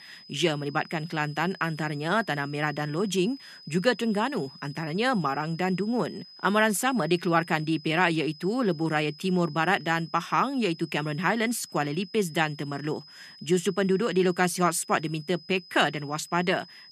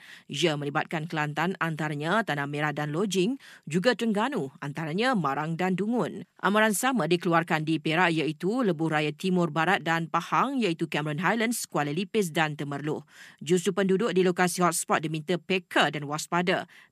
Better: second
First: high-pitched whine; noticeable; throughout; 5 kHz, 20 dB below the speech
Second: none

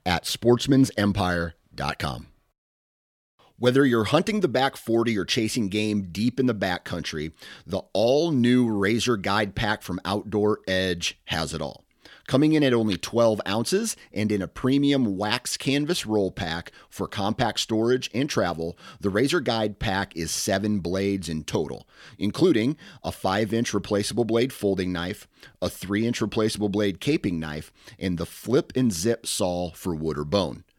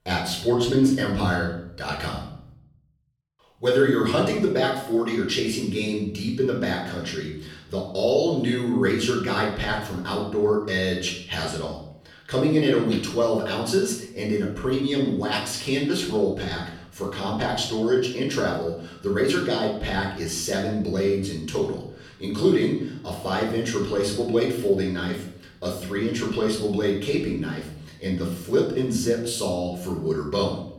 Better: first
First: none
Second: off-mic speech; far // room echo; noticeable; dies away in 0.6 s

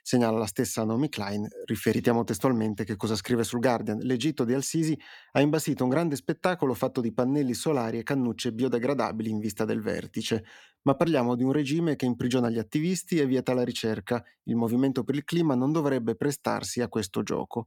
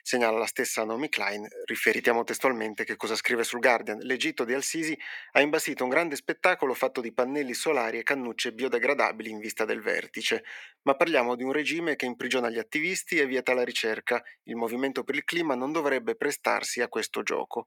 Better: first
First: none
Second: thin; somewhat; fading below 500 Hz

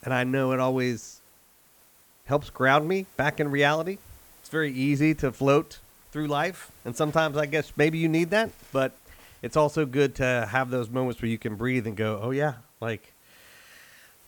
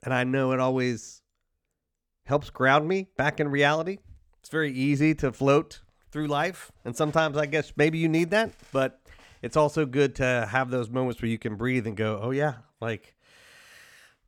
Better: second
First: hiss; faint; throughout; 25 dB below the speech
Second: none

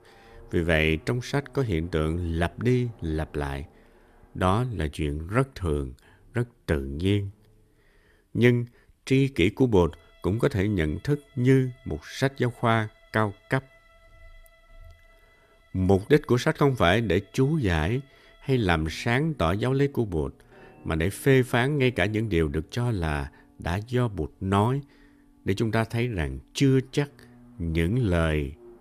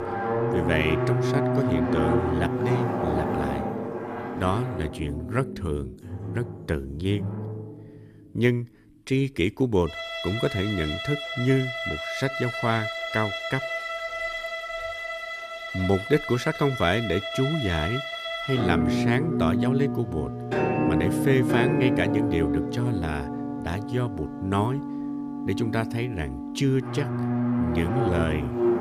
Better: first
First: background music; faint; throughout; 30 dB below the speech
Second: background music; loud; throughout; 1 dB below the speech

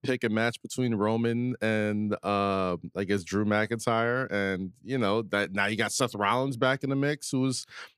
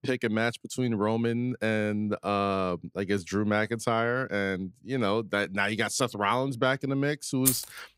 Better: first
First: none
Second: jangling keys; loud; at 7.5 s; peak 2 dB above the speech

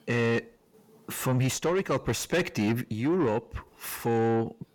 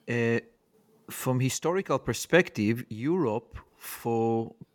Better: second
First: distortion; heavy; 7 dB below the speech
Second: none

